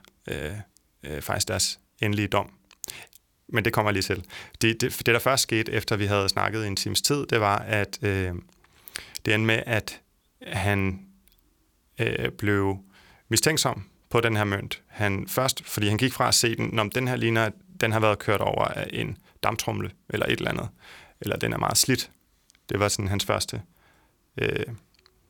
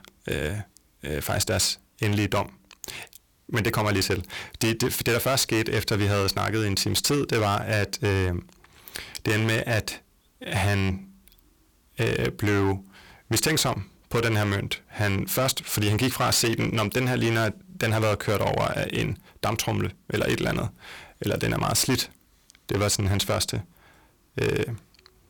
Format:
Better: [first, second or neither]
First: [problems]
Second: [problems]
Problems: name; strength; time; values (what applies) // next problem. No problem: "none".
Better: first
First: none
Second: distortion; heavy; 12% of the sound clipped